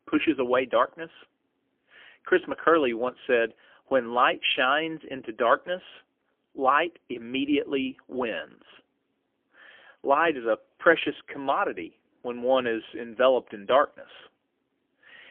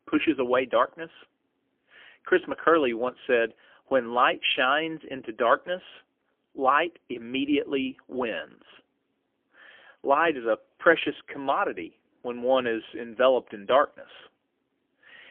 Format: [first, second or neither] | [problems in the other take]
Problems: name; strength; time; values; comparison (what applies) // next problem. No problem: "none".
neither | phone-call audio; poor line; nothing above 3.5 kHz; the same in both